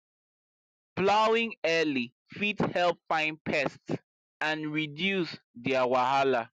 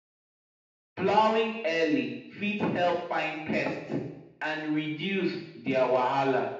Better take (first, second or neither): first